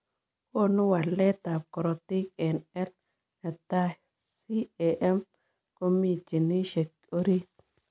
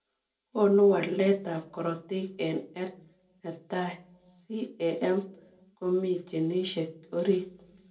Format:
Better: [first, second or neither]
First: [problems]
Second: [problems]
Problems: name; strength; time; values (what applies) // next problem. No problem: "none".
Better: first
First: none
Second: room echo; dies away in 0.2 s